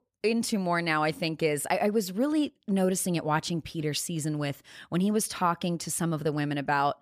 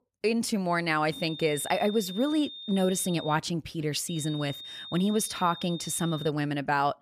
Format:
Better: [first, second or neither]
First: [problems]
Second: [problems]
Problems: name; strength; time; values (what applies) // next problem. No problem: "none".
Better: first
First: none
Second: high-pitched whine; noticeable; from 1 to 3.5 s and from 4 to 6.5 s; 3.5 kHz, 10 dB below the speech